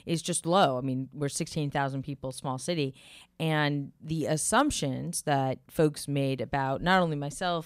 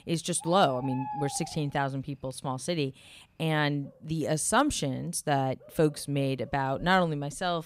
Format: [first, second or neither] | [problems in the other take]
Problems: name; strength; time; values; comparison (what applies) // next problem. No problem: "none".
first | animal sounds; noticeable; throughout; 15 dB below the speech